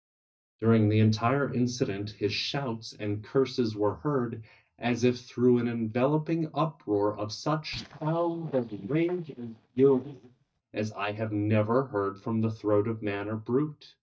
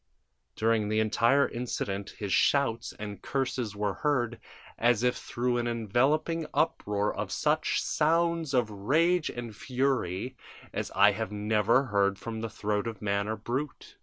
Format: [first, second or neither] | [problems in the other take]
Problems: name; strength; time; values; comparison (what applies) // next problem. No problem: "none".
second | noise reduction (neural mask model DeepFilterNet 3)